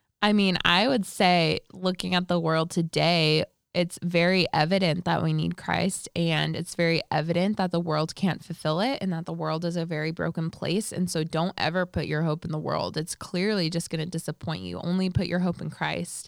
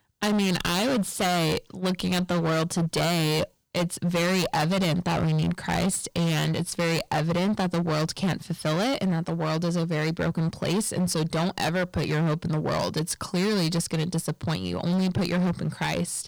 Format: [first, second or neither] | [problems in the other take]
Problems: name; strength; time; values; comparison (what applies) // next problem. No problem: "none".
first | distortion; heavy; 26% of the sound clipped